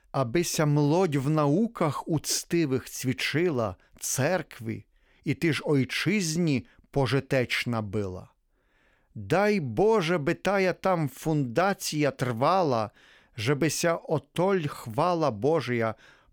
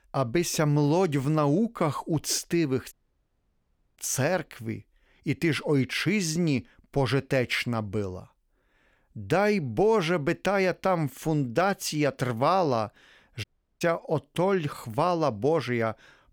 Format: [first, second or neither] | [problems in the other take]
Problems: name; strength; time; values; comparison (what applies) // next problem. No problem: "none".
first | audio cutting out; at 3 s for 1 s and at 13 s